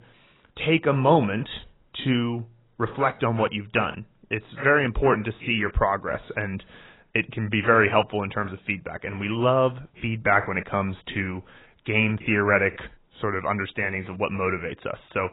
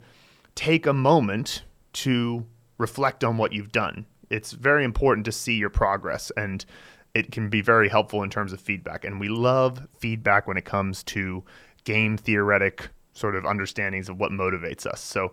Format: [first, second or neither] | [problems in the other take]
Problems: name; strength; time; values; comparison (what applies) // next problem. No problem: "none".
second | garbled, watery; badly; nothing above 4 kHz